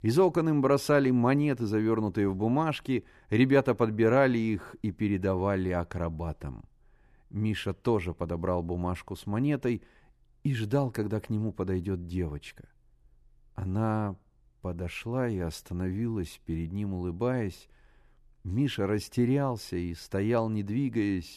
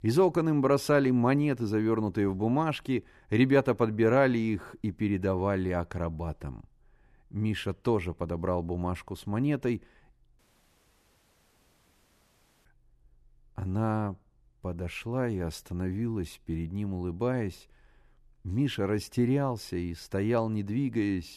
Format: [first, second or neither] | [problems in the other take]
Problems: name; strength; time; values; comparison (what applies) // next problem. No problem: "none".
first | audio cutting out; at 10 s for 2.5 s